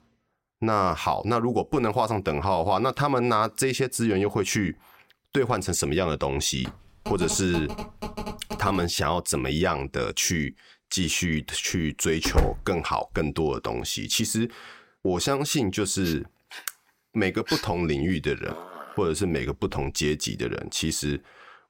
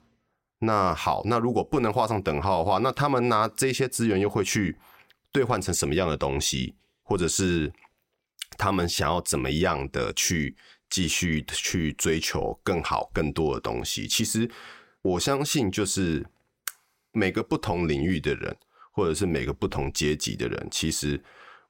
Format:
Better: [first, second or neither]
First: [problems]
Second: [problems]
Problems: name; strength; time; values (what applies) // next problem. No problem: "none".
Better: second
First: phone ringing; noticeable; from 6.5 to 9 s; peak 9 dB below the speech // door banging; noticeable; at 12 s; peak 1 dB below the speech // dog barking; noticeable; from 16 to 19 s; peak 5 dB below the speech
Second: none